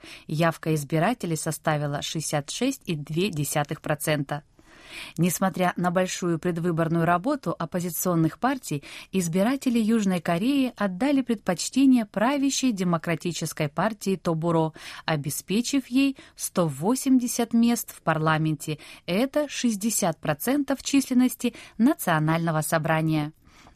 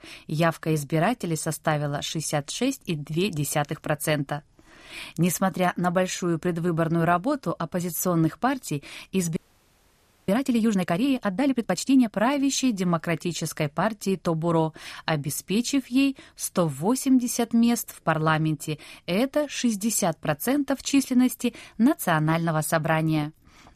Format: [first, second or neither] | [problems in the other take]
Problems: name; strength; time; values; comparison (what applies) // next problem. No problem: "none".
first | audio freezing; at 9.5 s for 1 s